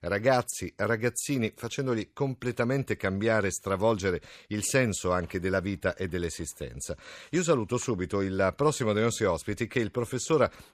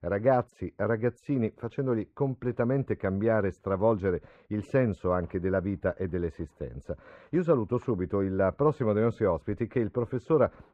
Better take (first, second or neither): first